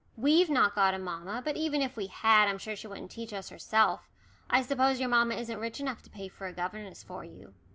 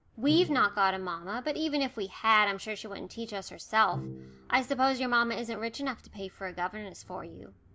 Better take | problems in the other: first | background sound (Bowed string instrument); 16 dB below the speech

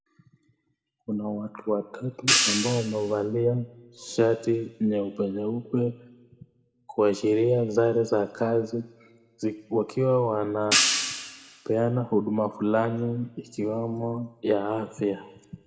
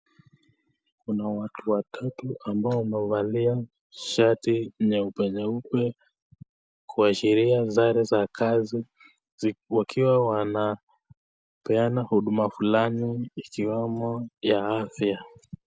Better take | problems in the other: second | background sound (Hi-hat); as loud as the speech // room echo; dies away in 1 s

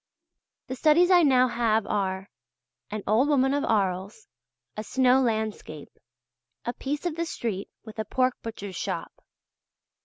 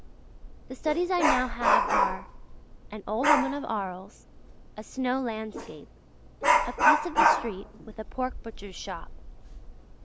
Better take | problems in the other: first | background sound (Dog); 4 dB above the speech

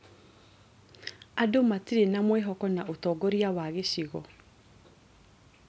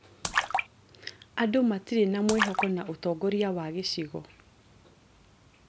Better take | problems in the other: first | background sound (Splash, splatter); 5 dB below the speech

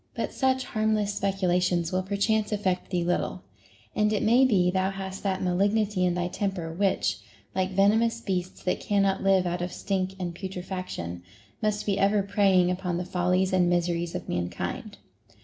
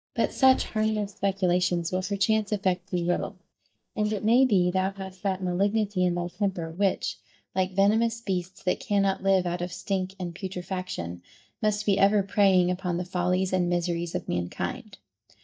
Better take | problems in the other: first | noise reduction (neural mask model DeepFilterNet 3)

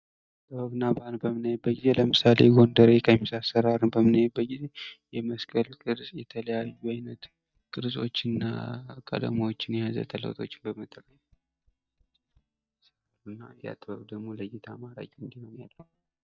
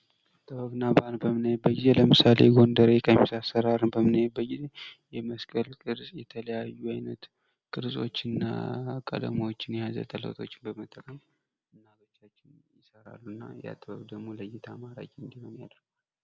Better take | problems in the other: second | noise reduction (neural mask model DeepFilterNet 3)

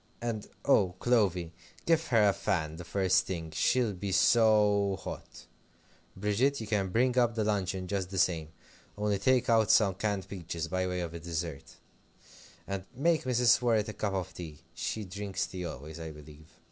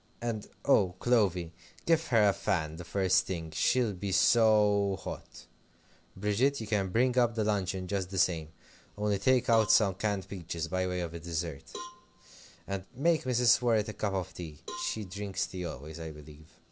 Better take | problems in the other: first | background sound (Cowbell); 19 dB below the speech

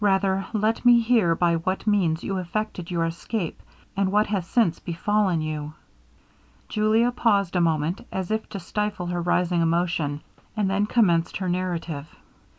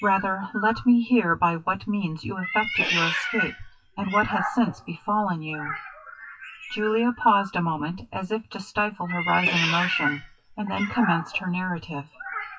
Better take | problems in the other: first | noise reduction (classical method WPE with log-MMSE)

